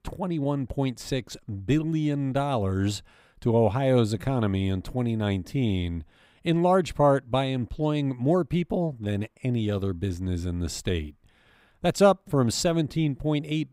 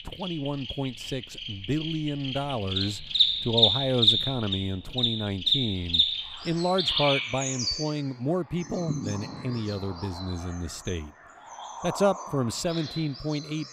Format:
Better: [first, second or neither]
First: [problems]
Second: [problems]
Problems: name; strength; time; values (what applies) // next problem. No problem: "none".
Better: first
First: none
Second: animal sounds; very loud; throughout; 4 dB above the speech